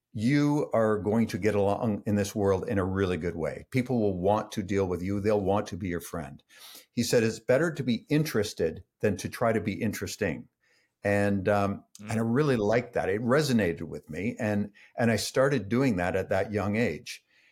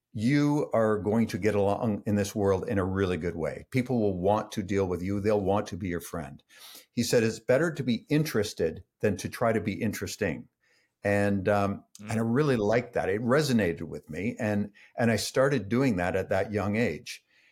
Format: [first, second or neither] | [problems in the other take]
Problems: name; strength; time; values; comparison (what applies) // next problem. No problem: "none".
neither | none